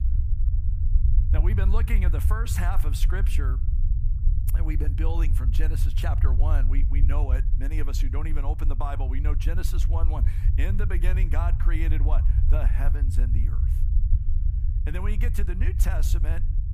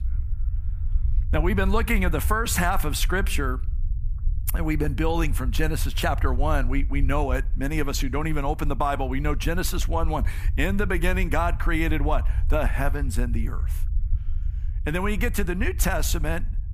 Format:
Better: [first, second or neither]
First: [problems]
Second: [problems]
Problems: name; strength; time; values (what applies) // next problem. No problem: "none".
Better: second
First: low rumble; loud; throughout; 7 dB below the speech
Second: low rumble; faint; throughout; 20 dB below the speech